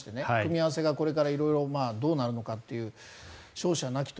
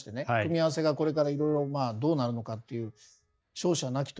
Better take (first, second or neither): first